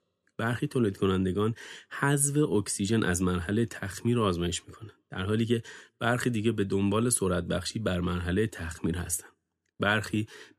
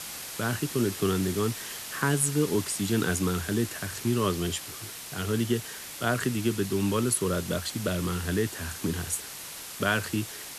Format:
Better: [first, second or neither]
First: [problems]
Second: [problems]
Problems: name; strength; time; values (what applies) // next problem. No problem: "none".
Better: first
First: none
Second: hiss; loud; throughout; 8 dB below the speech